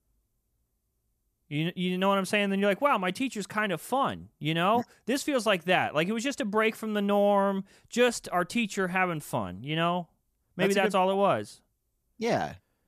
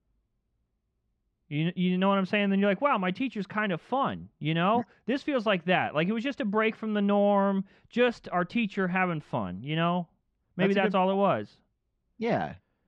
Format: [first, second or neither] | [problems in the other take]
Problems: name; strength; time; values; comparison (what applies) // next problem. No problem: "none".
first | muffled; slightly; fading above 3.5 kHz